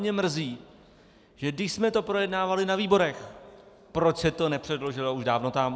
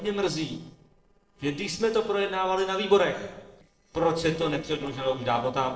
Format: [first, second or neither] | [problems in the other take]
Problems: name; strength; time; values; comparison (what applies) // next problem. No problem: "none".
first | noise reduction (neural separator model SepFormer DNS4)